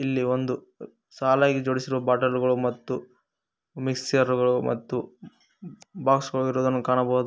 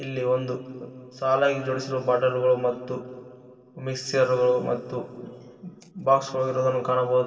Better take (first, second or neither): first